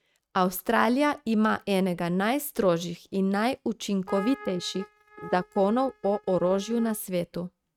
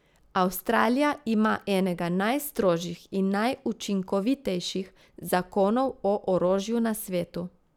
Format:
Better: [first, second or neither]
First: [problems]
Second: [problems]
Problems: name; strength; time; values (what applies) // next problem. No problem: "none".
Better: second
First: noise reduction (neural mask model RNNoise)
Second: none